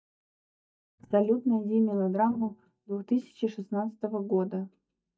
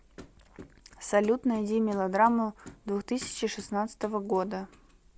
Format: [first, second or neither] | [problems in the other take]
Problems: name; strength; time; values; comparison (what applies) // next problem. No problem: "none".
second | noise reduction (neural mask model DeepFilterNet 3)